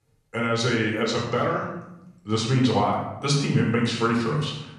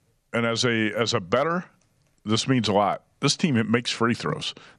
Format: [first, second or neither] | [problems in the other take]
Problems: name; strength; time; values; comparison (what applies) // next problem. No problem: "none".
second | off-mic speech; far // room echo; noticeable; dies away in 0.8 s